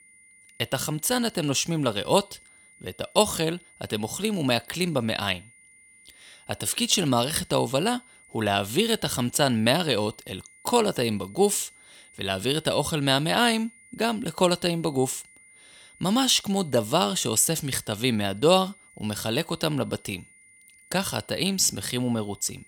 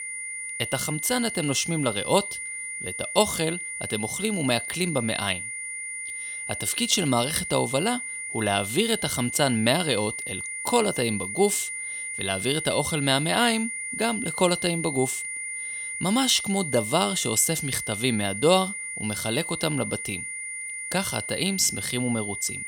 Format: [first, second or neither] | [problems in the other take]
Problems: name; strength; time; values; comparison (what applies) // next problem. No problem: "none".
first | high-pitched whine; loud; throughout; 2 kHz, 6 dB below the speech; faint in the first